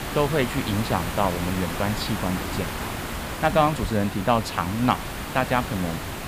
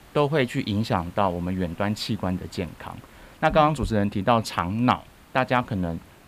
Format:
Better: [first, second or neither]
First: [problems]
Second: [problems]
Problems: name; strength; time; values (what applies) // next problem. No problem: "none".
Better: second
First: hiss; loud; throughout; 6 dB below the speech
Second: hiss; faint; throughout; 25 dB below the speech